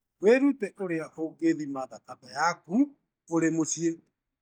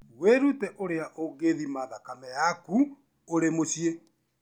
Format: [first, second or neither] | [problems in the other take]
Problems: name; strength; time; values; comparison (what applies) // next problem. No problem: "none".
second | noise reduction (neural mask model DeepFilterNet 3)